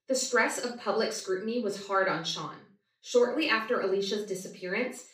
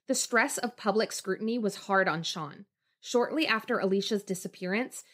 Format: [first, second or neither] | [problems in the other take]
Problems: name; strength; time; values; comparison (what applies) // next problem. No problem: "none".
second | room echo; slight; dies away in 0.3 s // off-mic speech; far